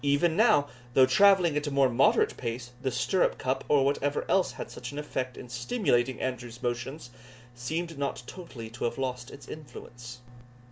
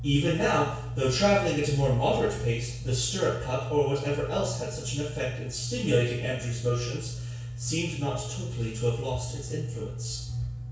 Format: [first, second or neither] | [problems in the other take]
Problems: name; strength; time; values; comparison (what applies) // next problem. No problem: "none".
first | room echo; dies away in 0.6 s